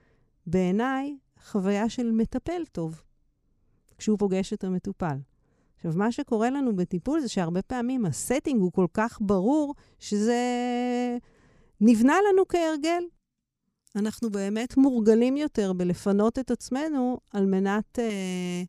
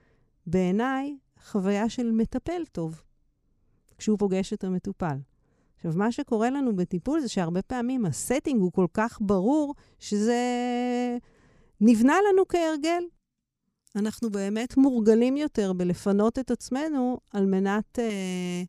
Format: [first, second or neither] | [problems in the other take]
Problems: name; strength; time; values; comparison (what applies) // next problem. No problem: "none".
neither | none